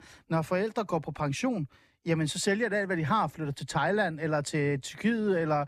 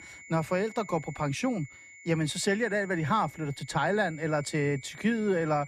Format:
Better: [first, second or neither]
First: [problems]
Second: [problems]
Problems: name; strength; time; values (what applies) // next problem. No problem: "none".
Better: first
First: none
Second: high-pitched whine; noticeable; throughout; 2 kHz, 20 dB below the speech